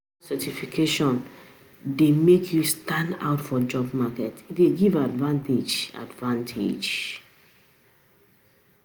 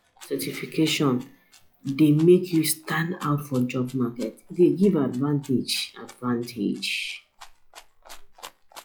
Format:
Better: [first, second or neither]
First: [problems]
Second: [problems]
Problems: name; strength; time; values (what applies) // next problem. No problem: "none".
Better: first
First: none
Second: noise reduction (classical method log-MMSE)